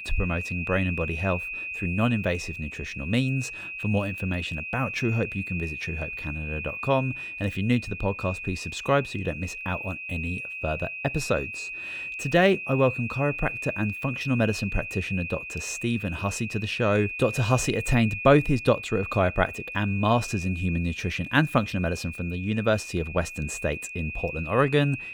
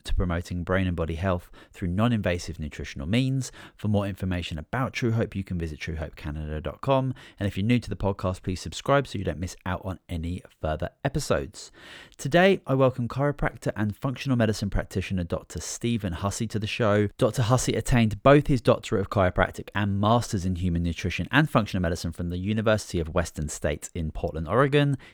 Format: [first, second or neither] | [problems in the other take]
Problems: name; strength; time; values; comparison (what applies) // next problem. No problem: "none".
second | high-pitched whine; loud; throughout; 2.5 kHz, 7 dB below the speech